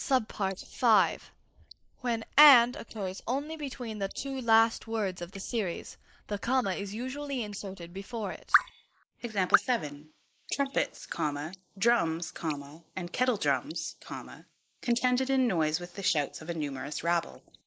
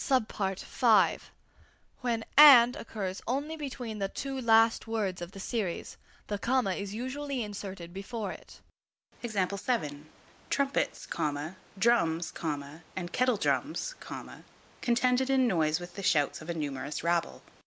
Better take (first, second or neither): second